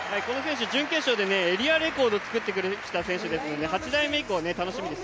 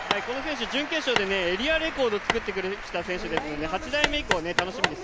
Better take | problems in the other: first | background sound (Hammer); 4 dB below the speech

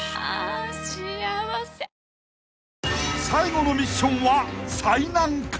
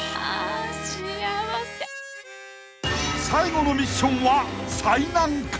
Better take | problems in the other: first | background sound (Harmonica); 15 dB below the speech

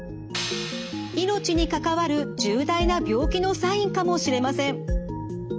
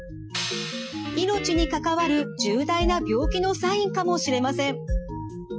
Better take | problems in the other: first | noise reduction (classical method Wiener filter)

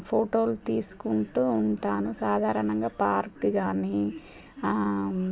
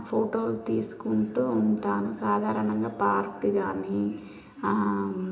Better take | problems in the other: first | room echo; dies away in 0.8 s

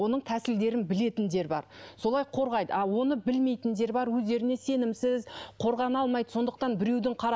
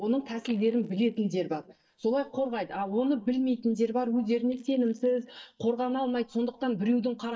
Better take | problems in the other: first | noise reduction (neural mask model DeepFilterNet 3)

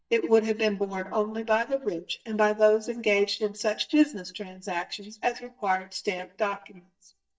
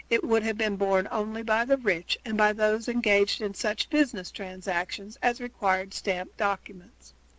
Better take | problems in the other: second | noise reduction (neural mask model DeepFilterNet 3)

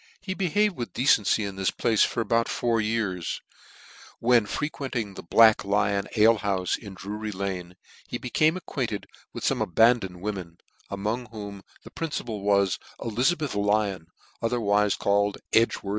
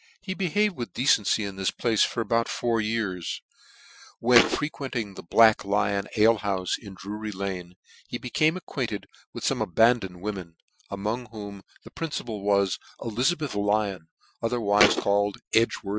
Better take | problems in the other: first | noise reduction (classical method Wiener filter)

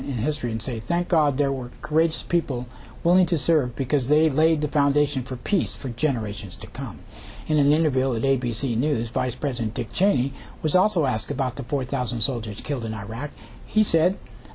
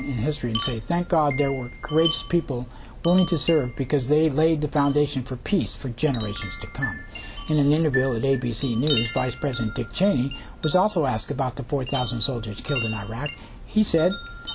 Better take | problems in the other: first | background sound (Wind chime); 12 dB below the speech

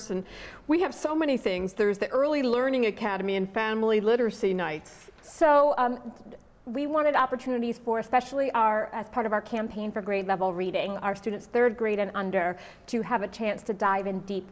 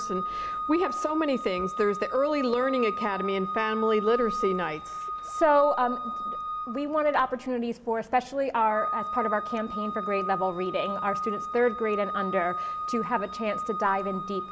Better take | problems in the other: first | background sound (Organ); 6 dB below the speech

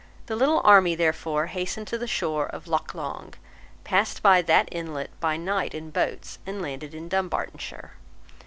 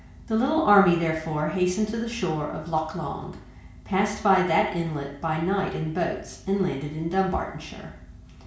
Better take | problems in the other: first | room echo; dies away in 0.6 s

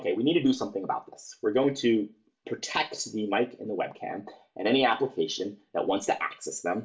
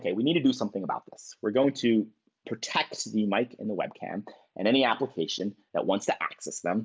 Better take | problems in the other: second | room echo; dies away in 0.2 s

